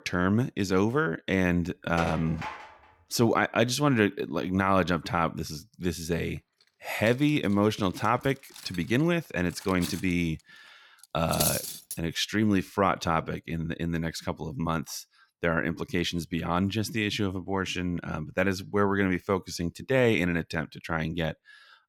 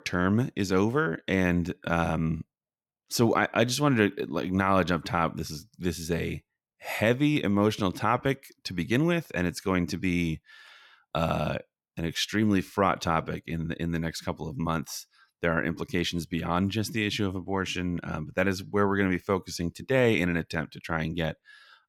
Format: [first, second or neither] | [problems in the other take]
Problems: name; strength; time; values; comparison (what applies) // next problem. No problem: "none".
second | clattering dishes; noticeable; at 2 s; peak 10 dB below the speech // clattering dishes; loud; from 7 to 12 s; peak 1 dB above the speech